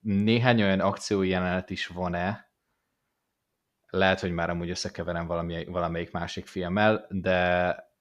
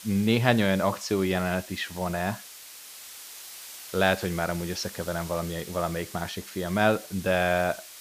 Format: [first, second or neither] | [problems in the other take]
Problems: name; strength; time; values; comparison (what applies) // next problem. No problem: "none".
first | hiss; noticeable; throughout; 15 dB below the speech